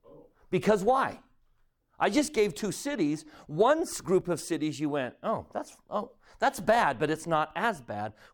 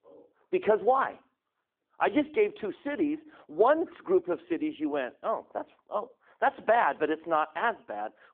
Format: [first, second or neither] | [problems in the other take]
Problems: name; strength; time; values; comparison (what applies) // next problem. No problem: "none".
first | phone-call audio